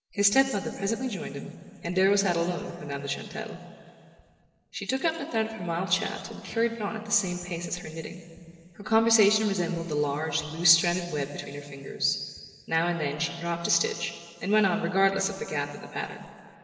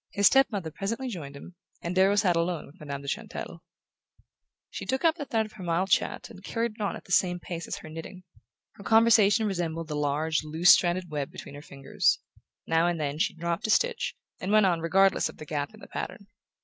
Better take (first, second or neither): second